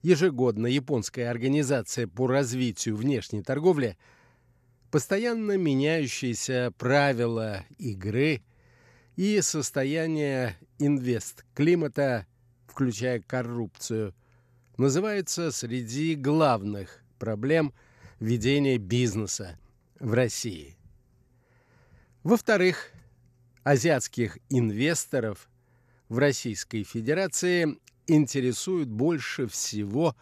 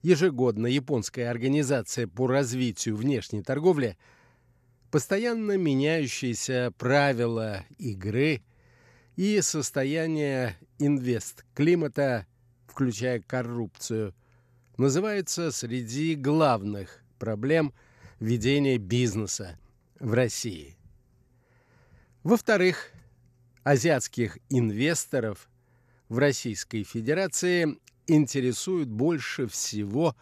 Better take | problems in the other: neither | none

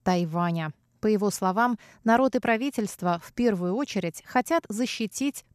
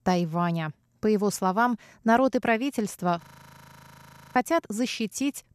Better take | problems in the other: first | audio freezing; at 3 s for 1 s

